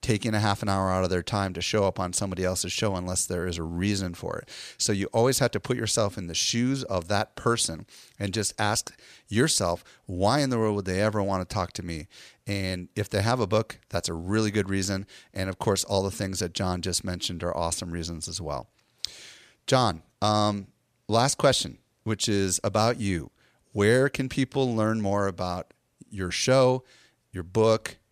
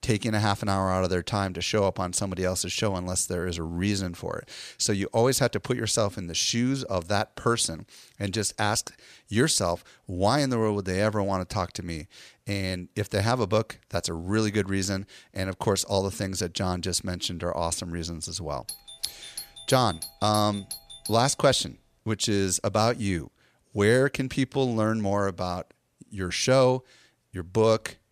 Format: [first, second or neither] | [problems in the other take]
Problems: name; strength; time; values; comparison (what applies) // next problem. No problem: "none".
first | doorbell; noticeable; from 19 to 21 s; peak 9 dB below the speech